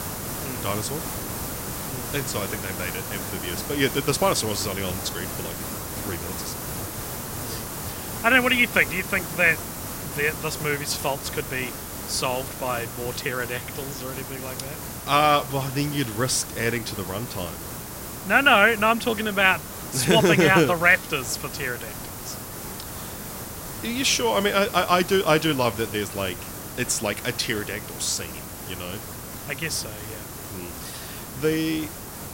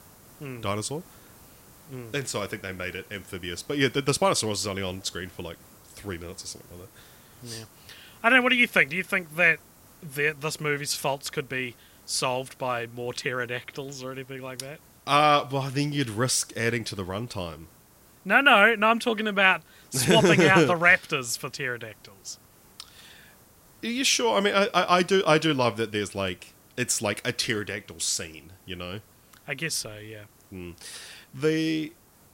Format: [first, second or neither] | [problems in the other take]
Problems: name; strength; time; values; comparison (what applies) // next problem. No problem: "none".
second | hiss; loud; throughout; 10 dB below the speech; faint in the second